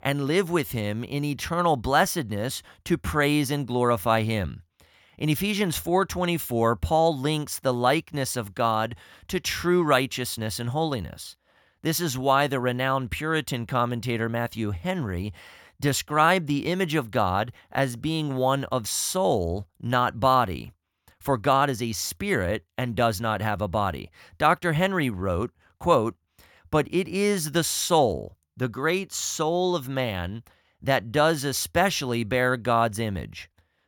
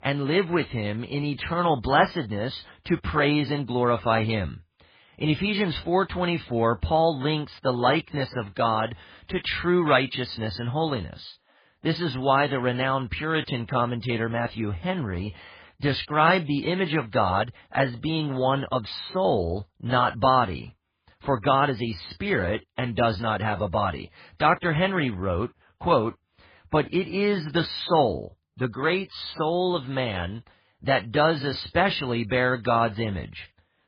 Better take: first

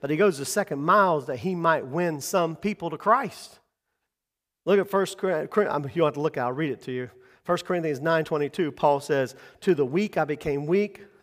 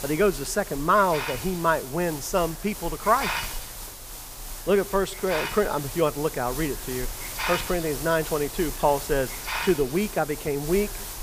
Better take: first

